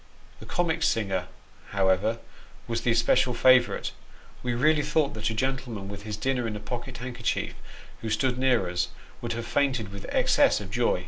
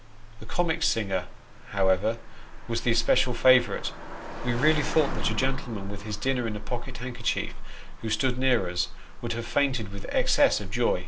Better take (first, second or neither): first